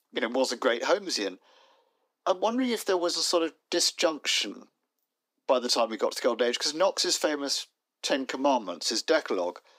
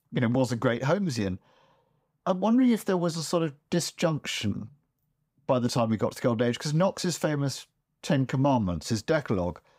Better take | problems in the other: second | thin; somewhat; fading below 300 Hz

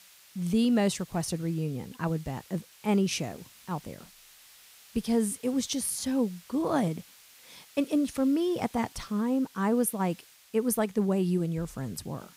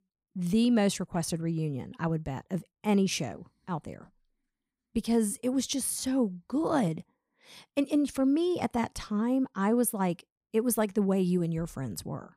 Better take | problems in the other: second | hiss; faint; throughout; 25 dB below the speech

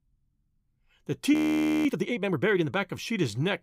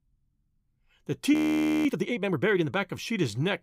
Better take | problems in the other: neither | audio freezing; at 1.5 s for 0.5 s; the same in both

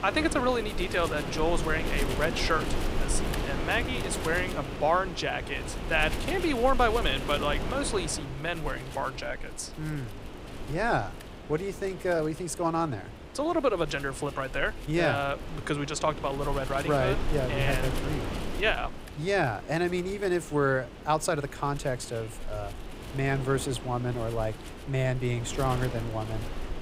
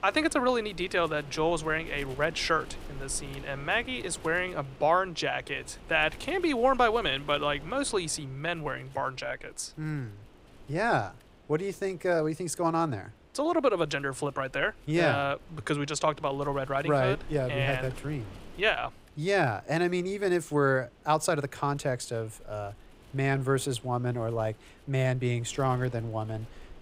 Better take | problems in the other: second | wind noise on the microphone; heavy; 10 dB below the speech; occasional gusts in the second

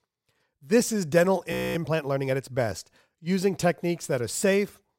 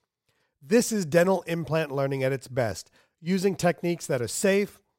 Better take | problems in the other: second | audio freezing; at 1.5 s

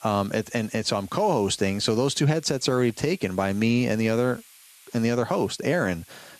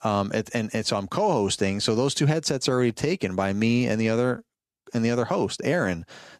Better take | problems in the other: second | hiss; faint; throughout; 25 dB below the speech

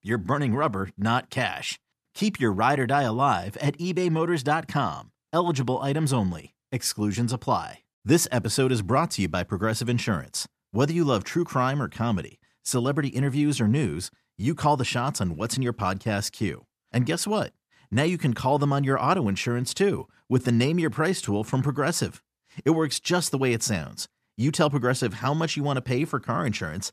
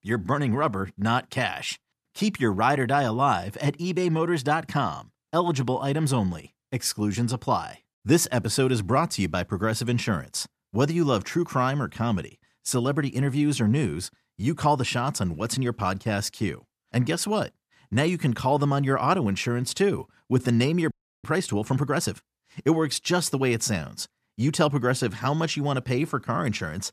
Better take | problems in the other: first | audio freezing; at 21 s

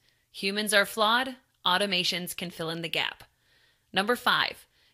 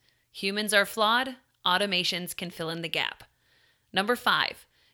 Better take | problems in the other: second | garbled, watery; slightly; nothing above 15 kHz

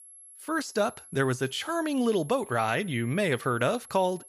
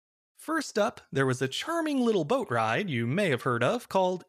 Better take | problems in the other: second | high-pitched whine; noticeable; throughout; 11 kHz, 20 dB below the speech

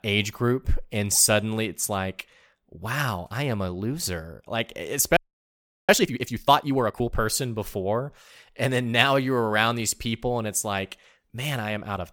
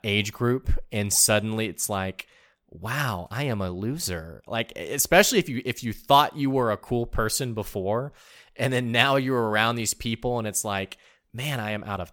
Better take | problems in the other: second | audio freezing; at 5 s for 0.5 s

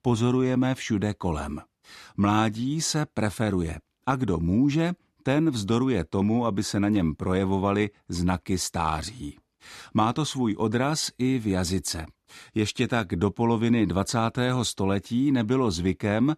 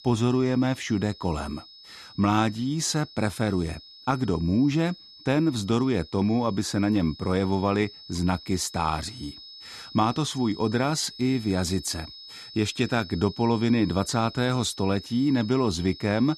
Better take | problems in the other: first | high-pitched whine; noticeable; throughout; 5 kHz, 15 dB below the speech

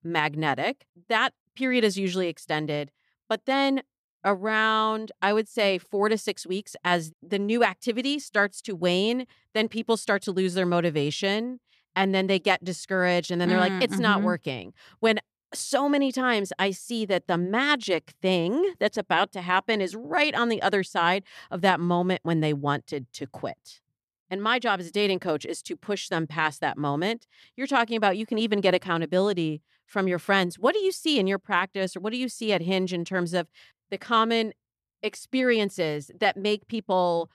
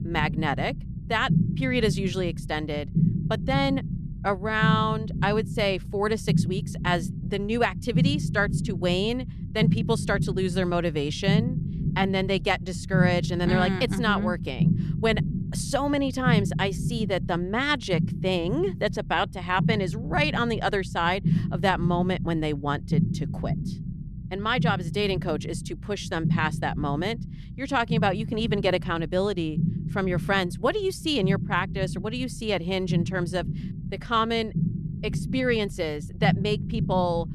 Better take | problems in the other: first | low rumble; noticeable; throughout; 10 dB below the speech

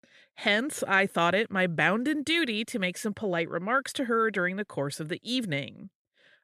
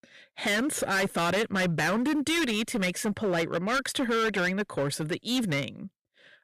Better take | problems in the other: first | distortion; heavy; 19% of the sound clipped

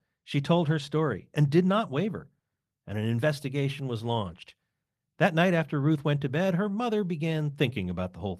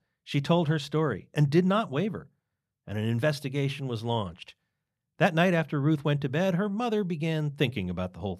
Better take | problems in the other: second | garbled, watery; slightly; nothing above 13.5 kHz

